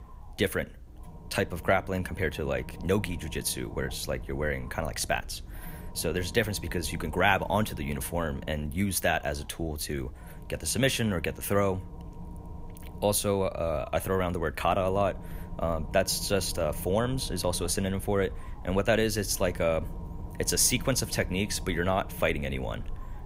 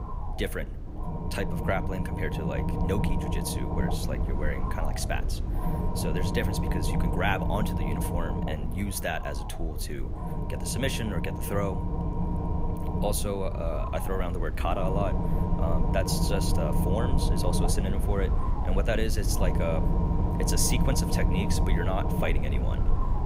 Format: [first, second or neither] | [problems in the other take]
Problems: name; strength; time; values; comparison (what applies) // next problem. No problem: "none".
first | low rumble; loud; throughout; 3 dB below the speech; faint in the first